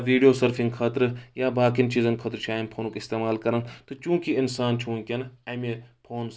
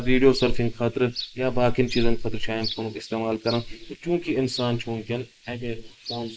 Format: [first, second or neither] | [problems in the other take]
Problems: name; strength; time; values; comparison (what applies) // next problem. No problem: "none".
first | noise reduction (neural mask model Resemble Enhance denoiser)